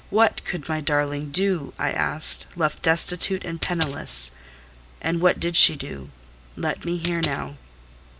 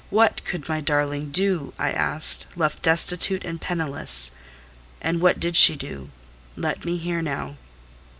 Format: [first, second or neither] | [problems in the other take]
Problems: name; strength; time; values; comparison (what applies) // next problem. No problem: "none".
second | background sound (Coin (dropping)); 7 dB below the speech